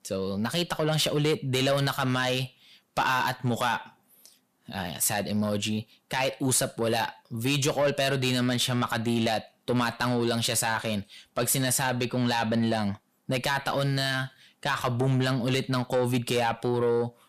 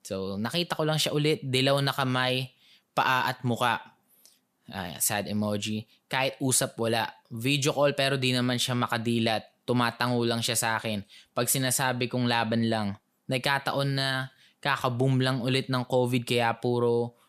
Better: second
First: distortion; slight; 10 dB below the speech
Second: none

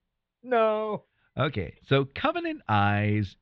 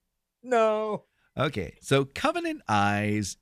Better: second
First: muffled; slightly; fading above 4 kHz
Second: none

